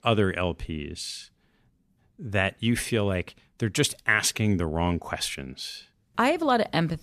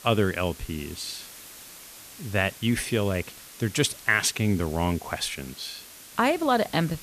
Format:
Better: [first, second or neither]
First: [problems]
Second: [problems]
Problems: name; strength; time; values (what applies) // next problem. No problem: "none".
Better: first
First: none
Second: hiss; noticeable; throughout; 15 dB below the speech